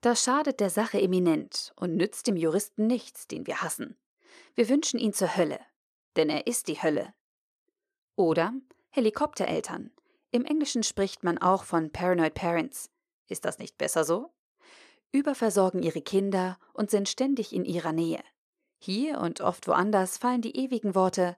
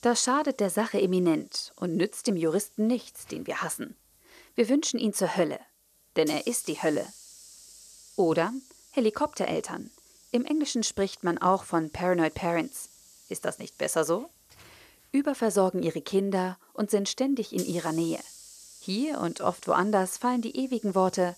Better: first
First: none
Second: hiss; faint; throughout; 20 dB below the speech

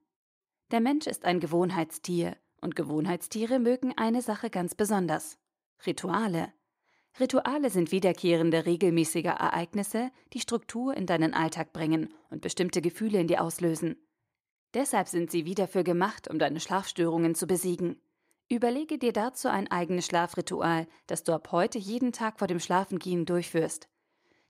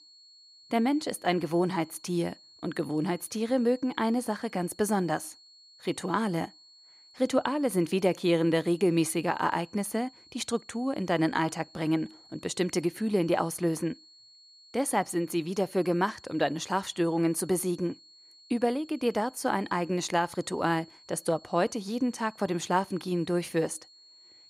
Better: first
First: none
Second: high-pitched whine; faint; throughout; 4.5 kHz, 25 dB below the speech

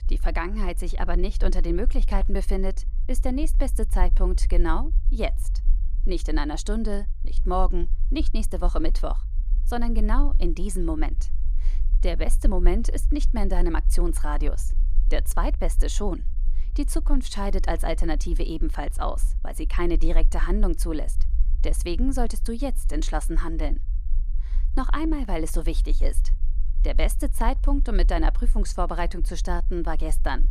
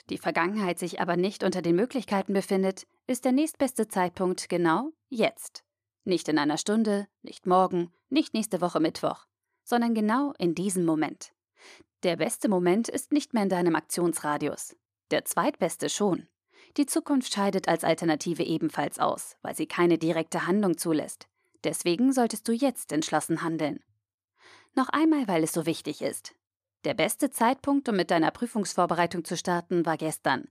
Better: second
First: low rumble; faint; throughout; 20 dB below the speech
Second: none

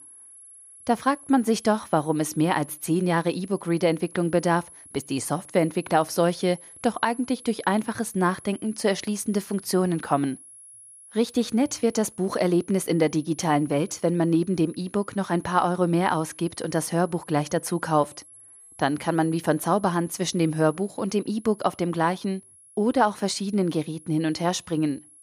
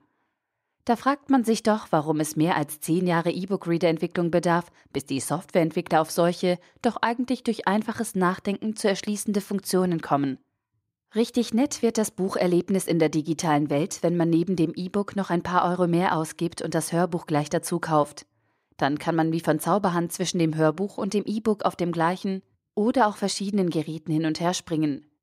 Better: second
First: high-pitched whine; faint; throughout; 11 kHz, 20 dB below the speech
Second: none

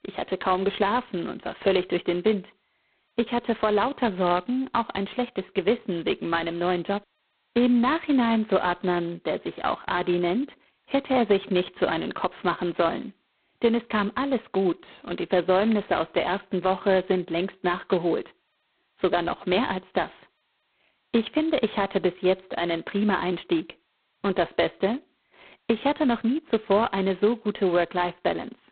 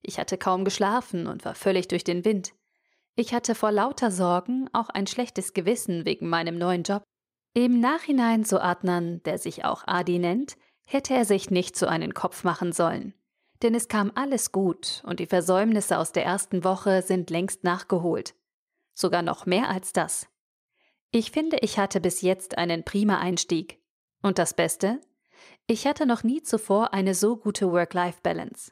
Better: second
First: phone-call audio; poor line; nothing above 4 kHz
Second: none

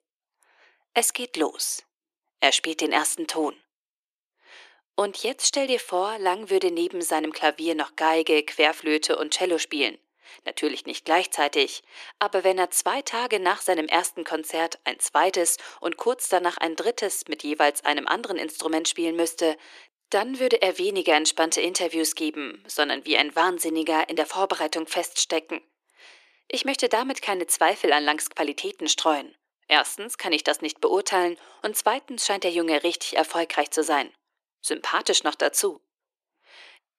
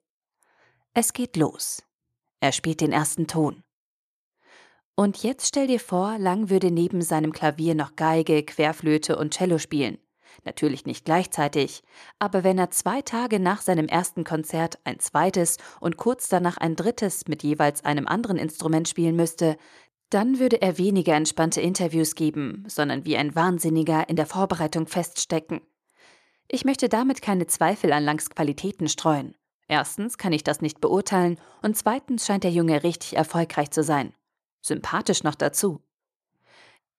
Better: second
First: thin; somewhat; fading below 350 Hz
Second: none

